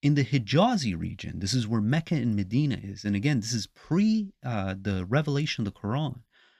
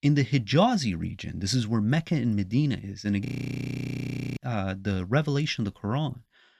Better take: first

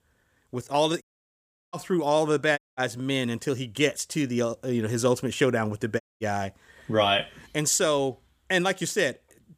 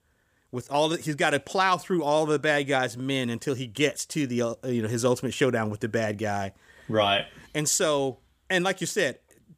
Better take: second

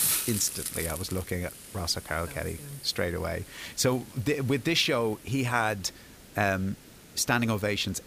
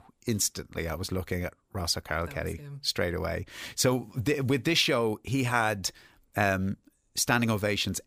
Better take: second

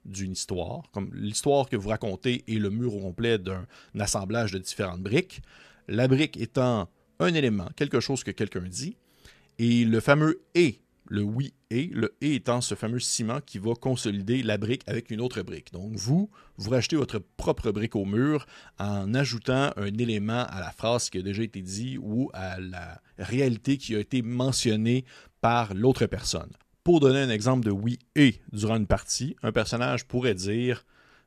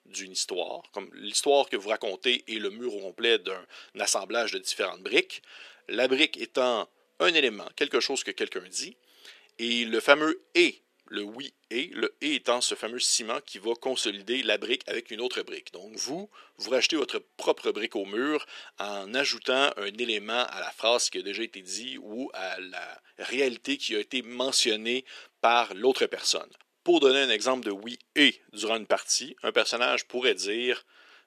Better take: first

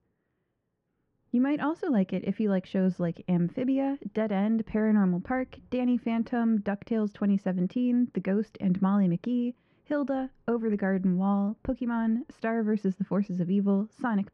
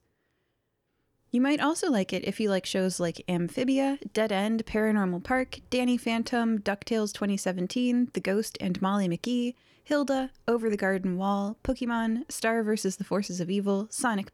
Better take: second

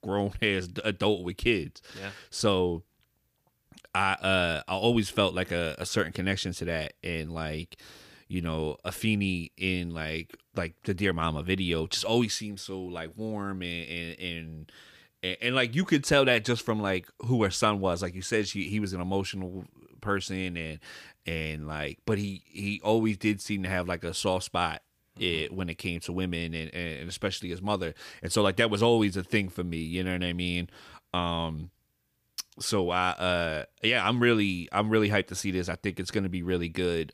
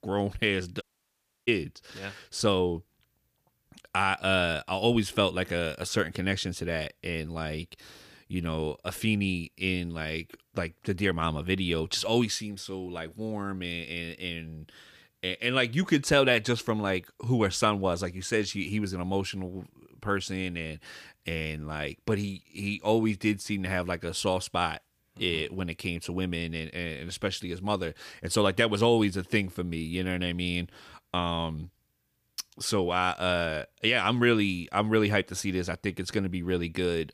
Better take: first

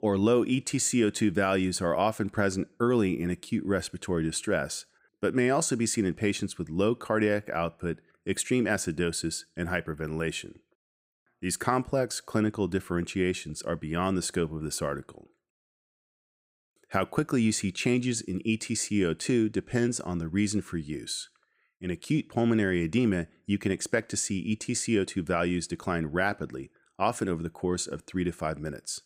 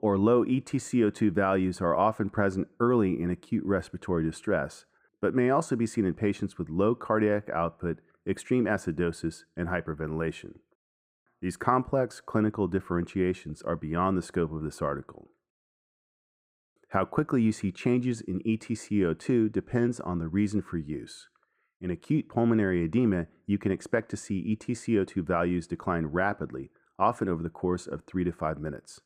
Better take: first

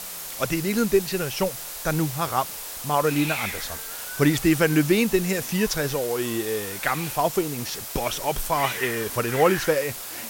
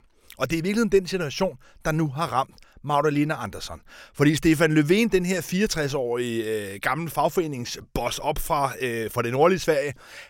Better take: second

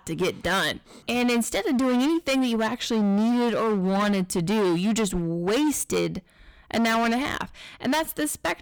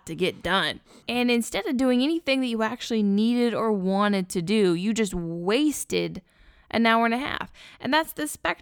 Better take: second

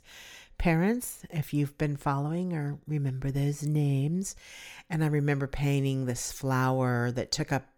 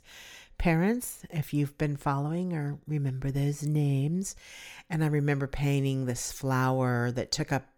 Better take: neither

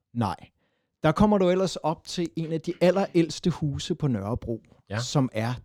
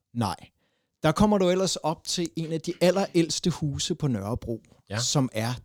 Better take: second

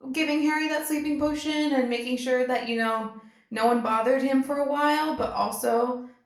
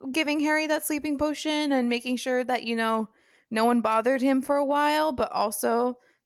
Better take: second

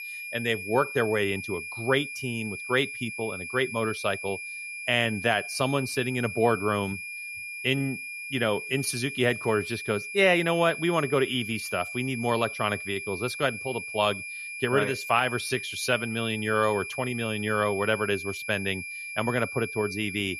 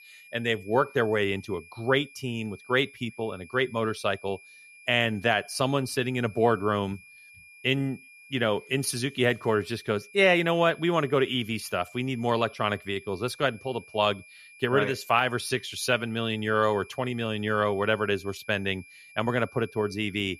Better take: second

